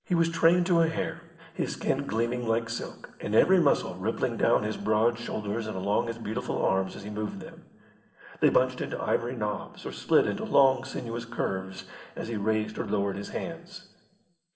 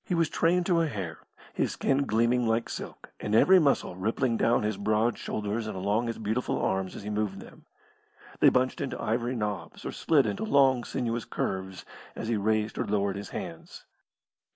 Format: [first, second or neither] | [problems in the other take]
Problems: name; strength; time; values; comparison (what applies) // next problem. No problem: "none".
second | room echo; dies away in 1 s